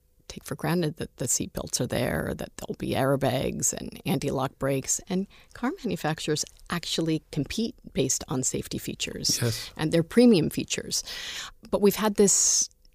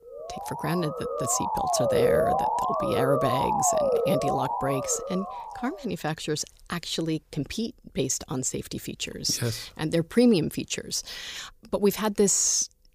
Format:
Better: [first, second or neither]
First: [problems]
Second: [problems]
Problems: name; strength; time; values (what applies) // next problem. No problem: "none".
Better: first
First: none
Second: siren; loud; until 5.5 s; peak 5 dB above the speech